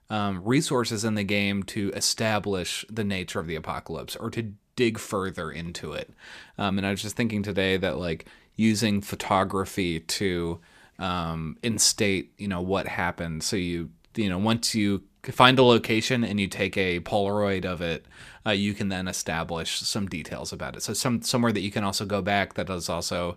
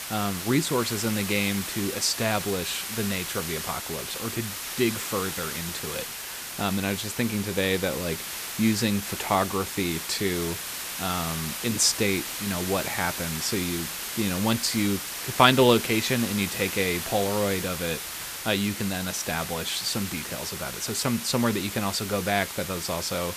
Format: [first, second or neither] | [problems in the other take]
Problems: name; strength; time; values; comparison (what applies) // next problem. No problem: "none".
first | hiss; loud; throughout; 5 dB below the speech